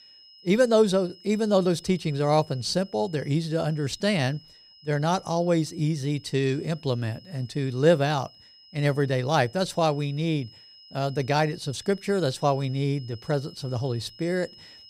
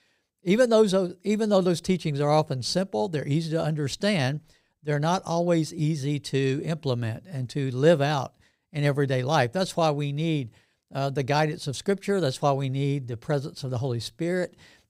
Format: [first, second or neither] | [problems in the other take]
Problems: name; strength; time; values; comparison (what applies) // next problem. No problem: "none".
second | high-pitched whine; faint; throughout; 5 kHz, 25 dB below the speech